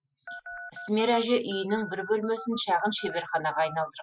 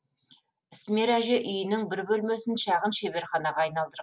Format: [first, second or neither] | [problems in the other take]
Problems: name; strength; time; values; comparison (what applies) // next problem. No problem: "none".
second | noise reduction (classical method Wiener filter)